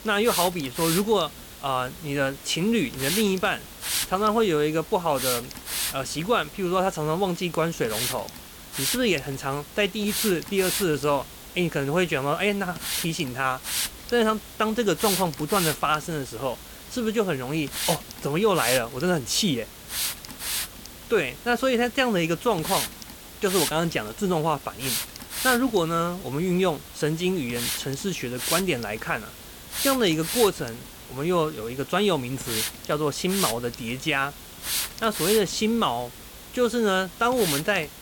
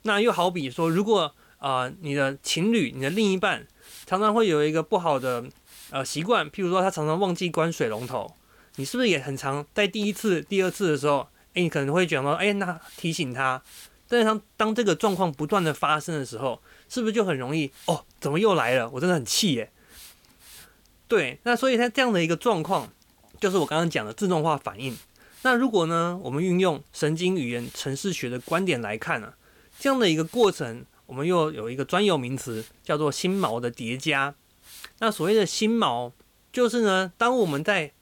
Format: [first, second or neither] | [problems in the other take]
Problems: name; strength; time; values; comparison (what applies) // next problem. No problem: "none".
second | hiss; loud; throughout; 5 dB below the speech; faint in the second